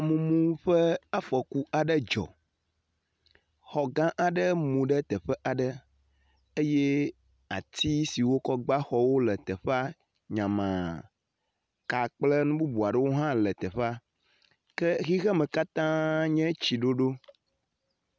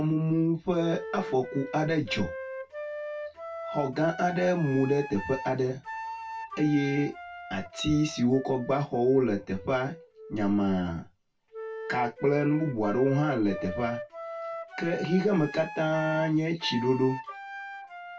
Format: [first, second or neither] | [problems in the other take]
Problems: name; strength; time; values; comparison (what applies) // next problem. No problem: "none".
first | background sound (Wind instrument, woodwind instrument); 12 dB below the speech // room echo; dies away in 0.2 s